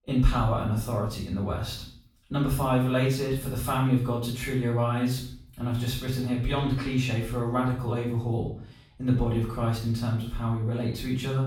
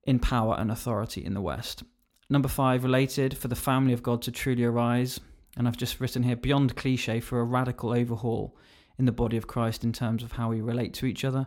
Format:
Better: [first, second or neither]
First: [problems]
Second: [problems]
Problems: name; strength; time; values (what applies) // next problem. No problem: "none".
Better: second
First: room echo; noticeable; dies away in 0.5 s // off-mic speech; far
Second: none